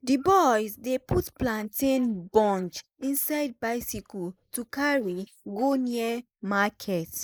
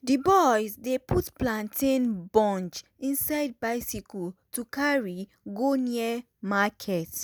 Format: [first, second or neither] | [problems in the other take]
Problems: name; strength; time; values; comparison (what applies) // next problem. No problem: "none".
second | noise reduction (neural mask model Resemble Enhance denoiser)